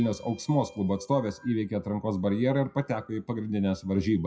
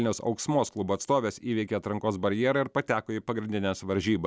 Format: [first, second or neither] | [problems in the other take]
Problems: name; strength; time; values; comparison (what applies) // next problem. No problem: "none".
second | noise reduction (classical method WPE with log-MMSE)